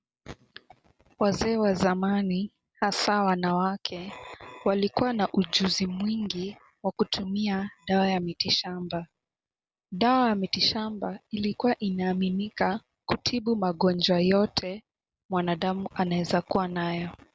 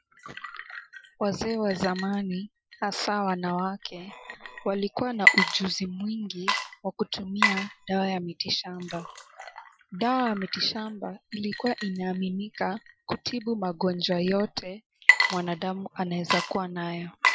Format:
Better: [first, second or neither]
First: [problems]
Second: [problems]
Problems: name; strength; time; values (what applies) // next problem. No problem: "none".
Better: first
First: none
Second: noise reduction (classical method Wiener filter)